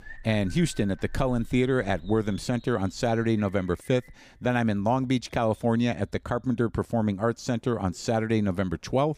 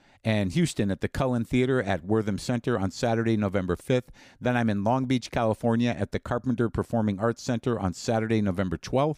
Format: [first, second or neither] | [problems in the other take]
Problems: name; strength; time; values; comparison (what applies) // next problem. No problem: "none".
second | animal sounds; faint; throughout; 25 dB below the speech